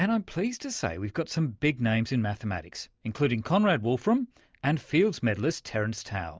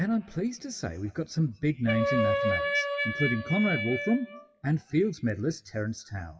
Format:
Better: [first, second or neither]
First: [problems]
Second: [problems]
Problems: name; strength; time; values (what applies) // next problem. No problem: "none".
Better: first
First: none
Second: noise reduction (classical method WPE with log-MMSE)